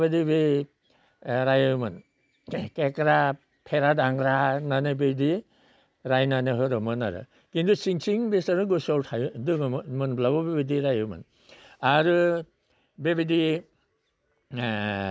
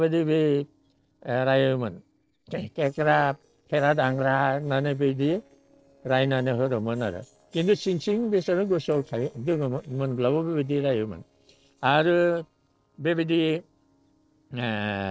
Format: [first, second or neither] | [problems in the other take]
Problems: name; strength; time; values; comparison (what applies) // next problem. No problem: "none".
first | noise reduction (neural separator model SepFormer DNS4)